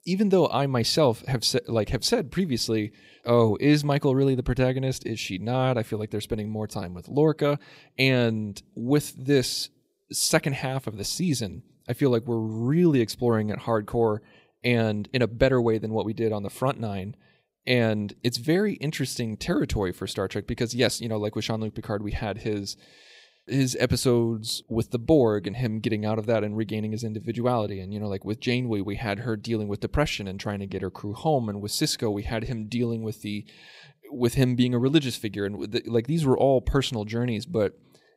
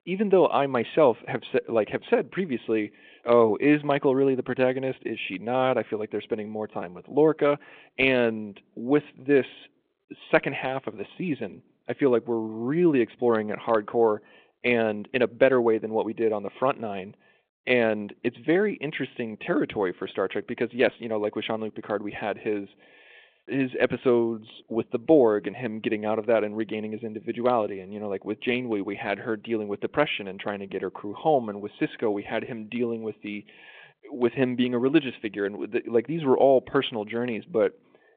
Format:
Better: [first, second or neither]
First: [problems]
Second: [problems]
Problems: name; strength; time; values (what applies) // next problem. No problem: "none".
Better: first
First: none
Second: phone-call audio